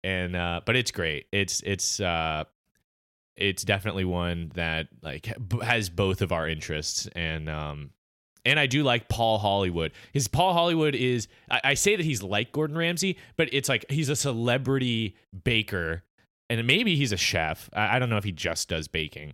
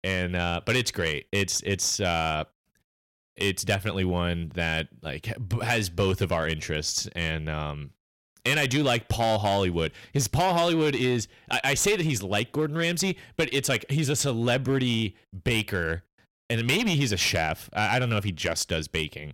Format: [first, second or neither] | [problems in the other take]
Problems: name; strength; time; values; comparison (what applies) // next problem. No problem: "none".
first | distortion; slight; 6% of the sound clipped